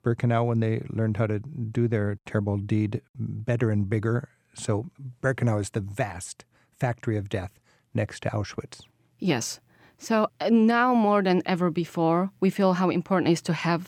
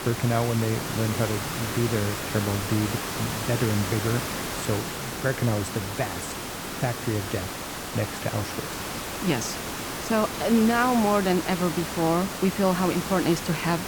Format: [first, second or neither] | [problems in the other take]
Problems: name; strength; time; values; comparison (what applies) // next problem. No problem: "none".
first | hiss; loud; throughout; 4 dB below the speech